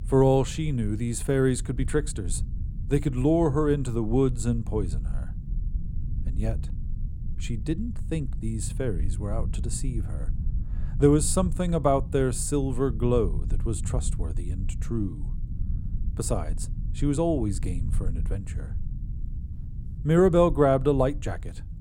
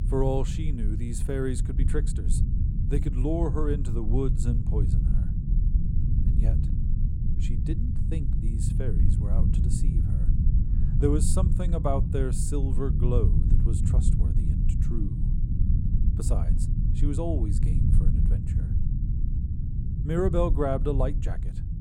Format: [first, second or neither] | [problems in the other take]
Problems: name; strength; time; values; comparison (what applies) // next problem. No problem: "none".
first | low rumble; loud; throughout; 7 dB below the speech; faint in the first